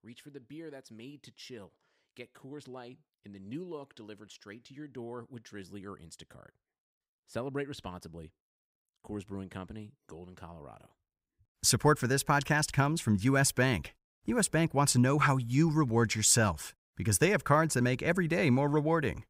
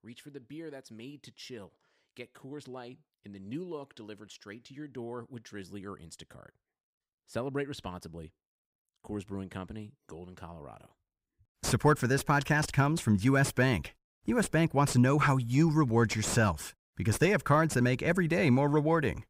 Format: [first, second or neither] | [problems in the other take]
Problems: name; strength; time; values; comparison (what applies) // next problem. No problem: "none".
first | distortion; slight; 10 dB below the speech